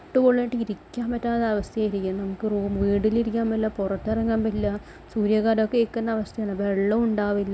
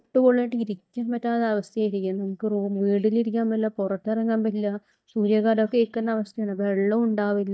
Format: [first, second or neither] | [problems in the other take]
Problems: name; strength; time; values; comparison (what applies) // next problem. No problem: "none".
first | noise reduction (neural mask model DeepFilterNet 3)